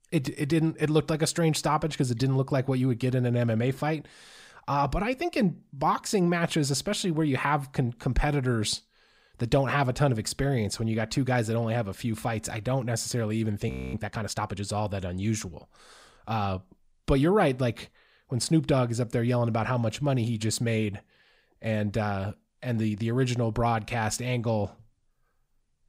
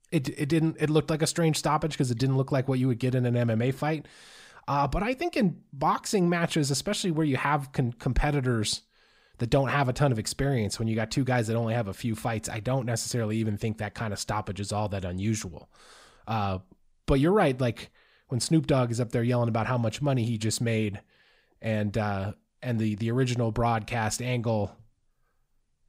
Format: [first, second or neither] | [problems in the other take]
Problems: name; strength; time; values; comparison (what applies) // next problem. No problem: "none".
second | audio freezing; at 14 s